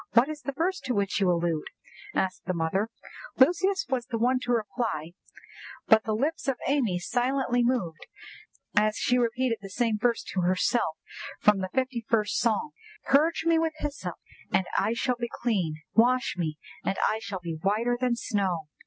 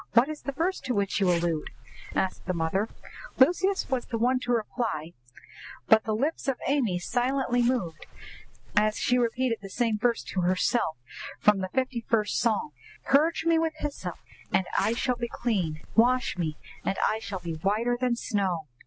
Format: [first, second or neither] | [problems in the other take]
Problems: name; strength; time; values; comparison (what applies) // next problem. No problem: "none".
first | background sound (Zipper (clothing)); 16 dB below the speech